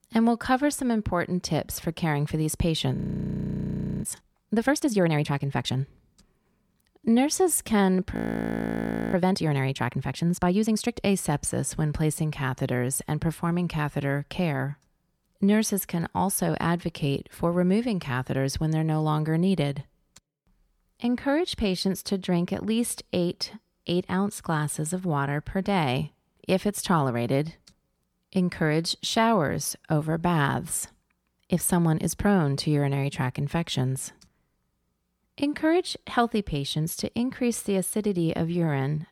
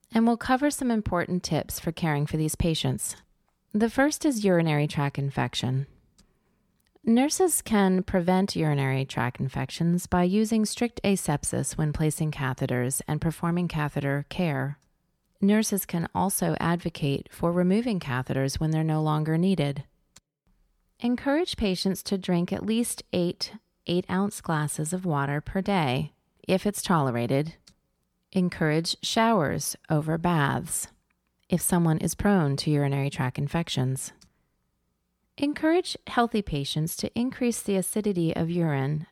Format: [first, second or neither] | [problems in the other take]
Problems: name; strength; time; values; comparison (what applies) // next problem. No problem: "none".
second | audio freezing; at 3 s for 1 s and at 8 s for 1 s